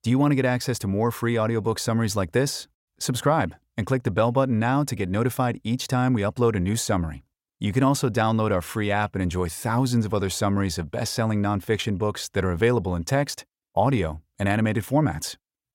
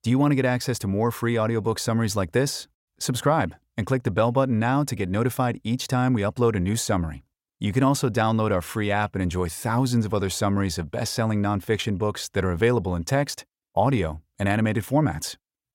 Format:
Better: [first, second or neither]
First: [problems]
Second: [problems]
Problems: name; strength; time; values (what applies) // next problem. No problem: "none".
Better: neither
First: none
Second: none